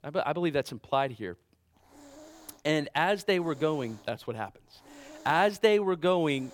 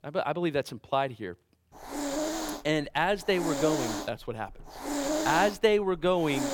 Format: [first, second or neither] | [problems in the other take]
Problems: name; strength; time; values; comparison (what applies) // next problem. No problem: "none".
first | hiss; loud; from 1.5 s on; 4 dB below the speech; faint in the first